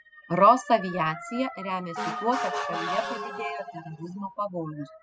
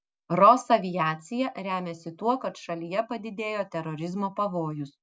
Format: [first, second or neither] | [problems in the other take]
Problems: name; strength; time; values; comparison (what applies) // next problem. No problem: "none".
second | noise reduction (classical method spectral subtraction)